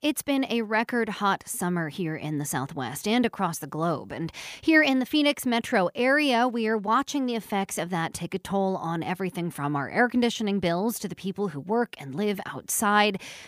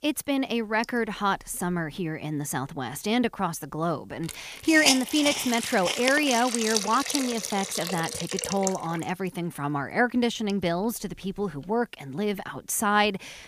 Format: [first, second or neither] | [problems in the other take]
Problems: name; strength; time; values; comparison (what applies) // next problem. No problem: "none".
first | hiss; loud; throughout; 2 dB below the speech